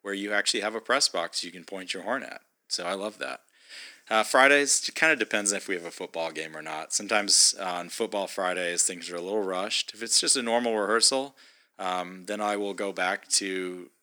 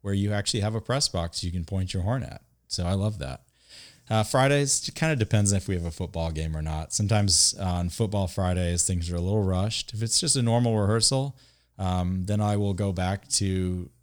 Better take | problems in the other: second | thin; very; fading below 250 Hz

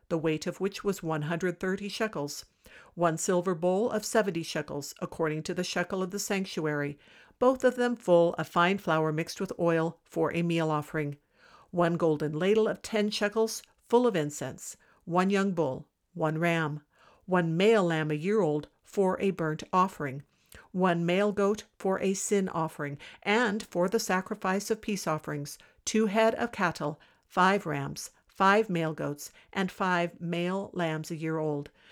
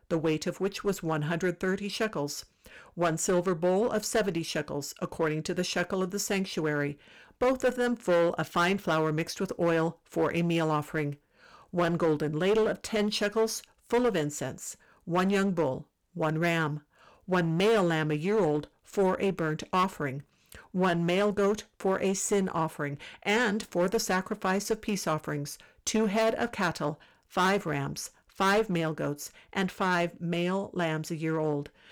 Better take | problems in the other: first | distortion; slight; 8% of the sound clipped

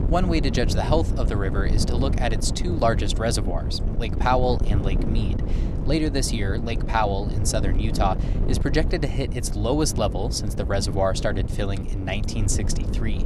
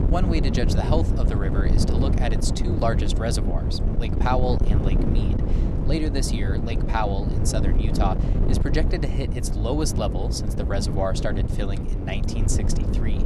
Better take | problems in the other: first | wind noise on the microphone; heavy; 4 dB below the speech; occasional gusts in the first

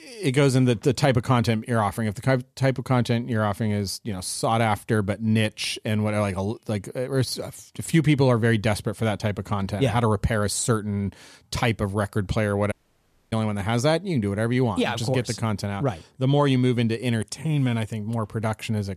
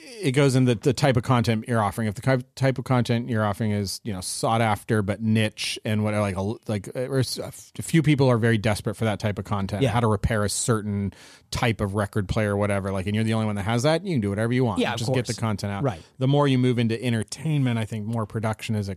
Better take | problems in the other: second | audio cutting out; at 13 s for 0.5 s

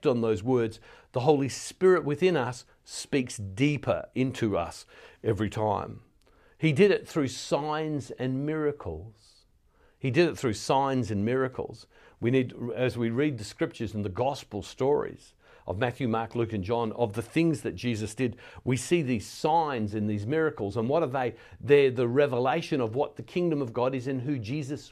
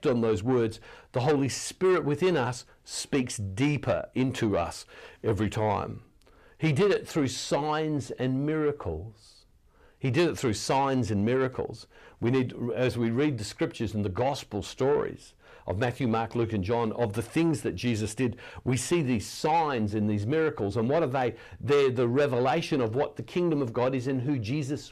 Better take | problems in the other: first | distortion; slight; 10 dB below the speech

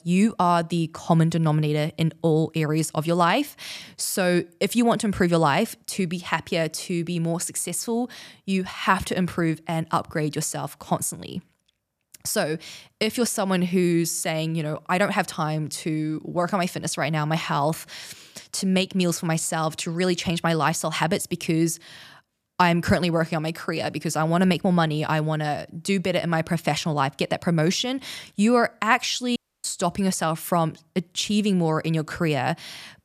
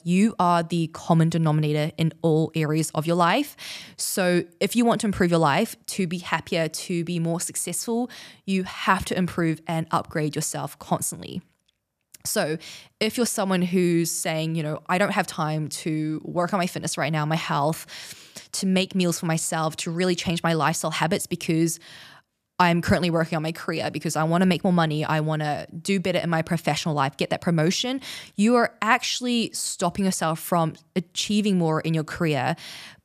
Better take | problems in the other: second | audio cutting out; at 29 s

